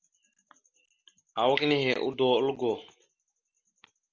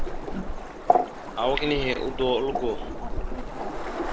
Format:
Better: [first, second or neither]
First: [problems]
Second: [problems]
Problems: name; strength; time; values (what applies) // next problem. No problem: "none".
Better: first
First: none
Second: background sound (Waves, surf); 2 dB above the speech